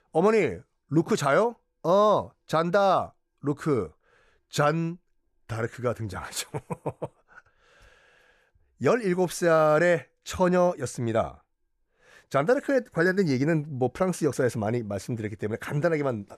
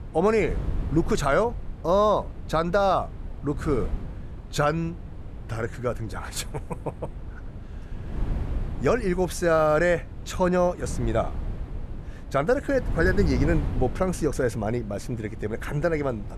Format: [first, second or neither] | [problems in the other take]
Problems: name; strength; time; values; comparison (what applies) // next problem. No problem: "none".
first | wind noise on the microphone; occasional gusts; 20 dB below the speech